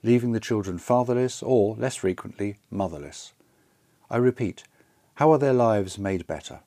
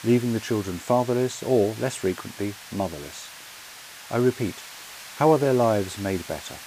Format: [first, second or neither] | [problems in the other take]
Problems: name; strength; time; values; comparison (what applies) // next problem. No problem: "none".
first | hiss; noticeable; throughout; 15 dB below the speech